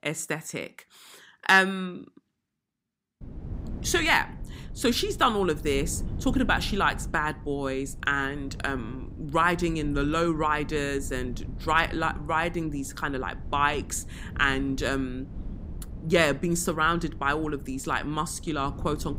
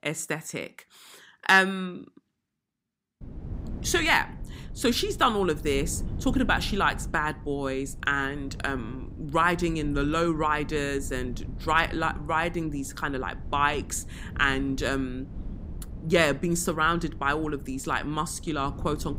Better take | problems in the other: neither | wind noise on the microphone; occasional gusts; from 3 s on; 25 dB below the speech; the same in both

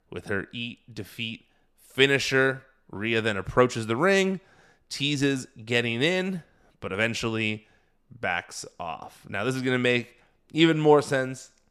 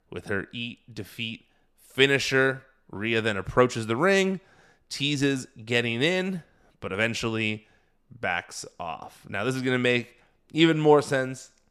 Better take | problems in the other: neither | none

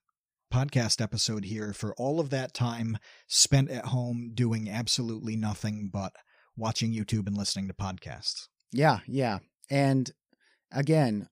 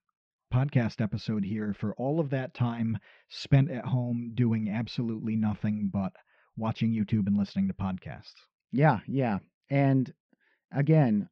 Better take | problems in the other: first | muffled; very; fading above 3 kHz

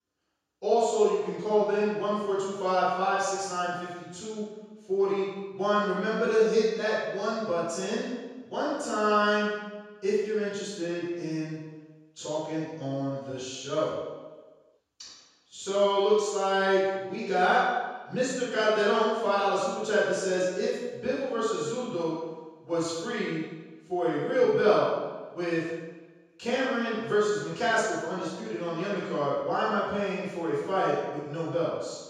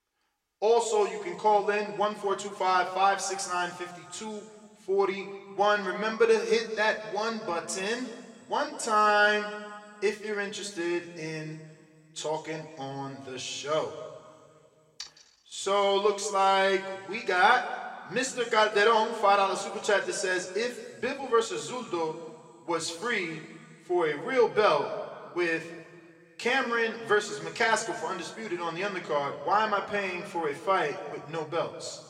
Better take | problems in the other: second | room echo; strong; dies away in 1.2 s; slight in the second // off-mic speech; far

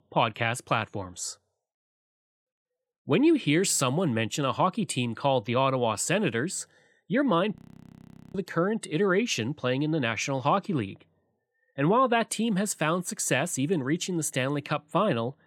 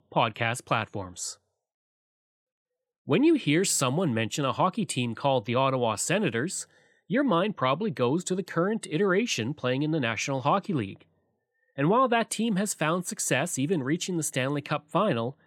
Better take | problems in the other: second | audio freezing; at 7.5 s for 1 s

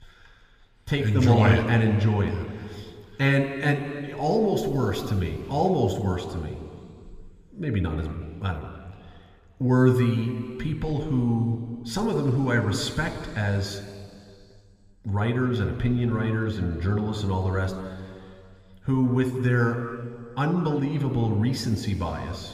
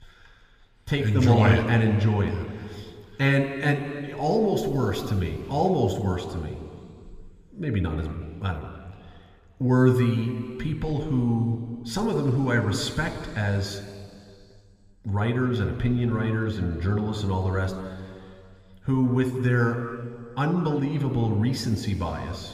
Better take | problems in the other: neither | room echo; slight; dies away in 2.5 s; the same in both

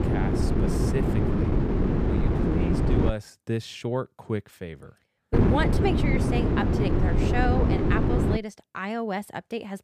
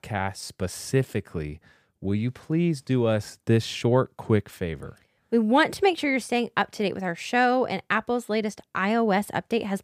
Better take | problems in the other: second | wind noise on the microphone; heavy; until 3 s and from 5.5 to 8.5 s; 2 dB above the speech

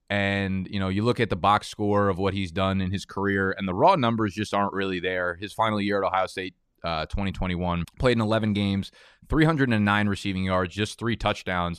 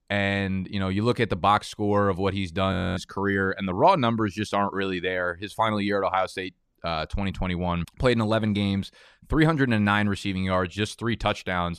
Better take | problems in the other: first | audio freezing; at 2.5 s

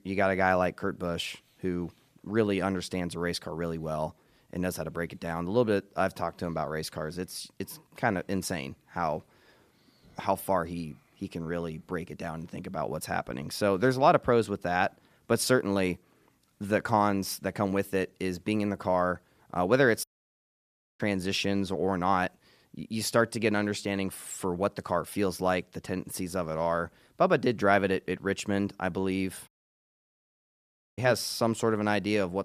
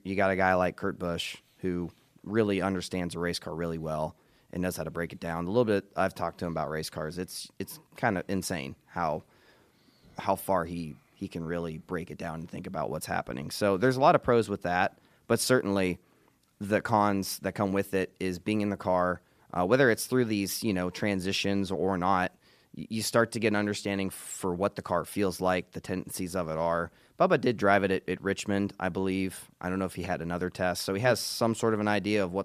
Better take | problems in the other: second | audio cutting out; at 20 s for 1 s and at 29 s for 1.5 s

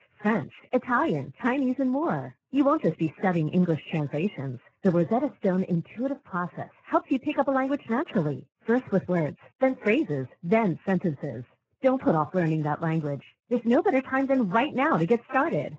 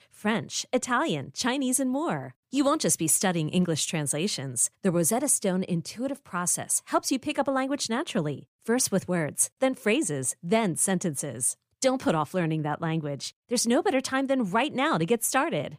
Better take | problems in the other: second | garbled, watery; badly; nothing above 7.5 kHz

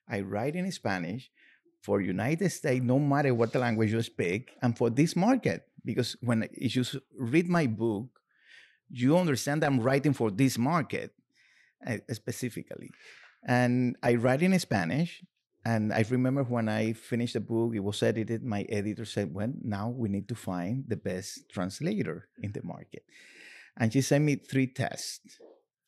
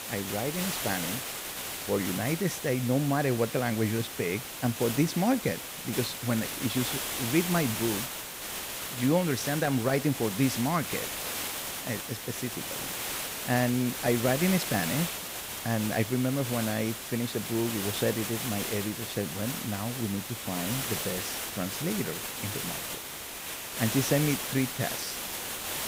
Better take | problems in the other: first | hiss; loud; throughout; 3 dB below the speech

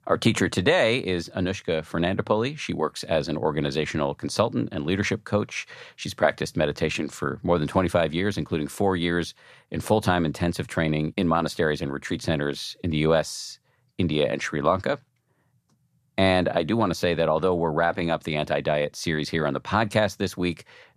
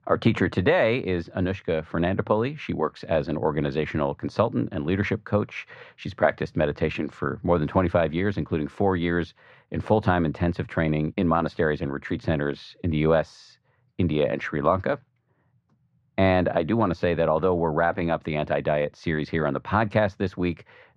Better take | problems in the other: first | muffled; slightly; fading above 2.5 kHz

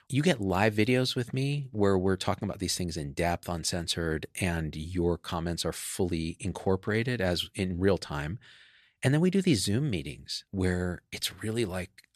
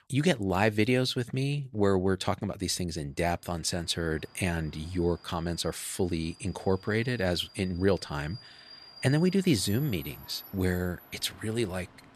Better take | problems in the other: first | train or aircraft noise; noticeable; from 3.5 s on; 20 dB below the speech

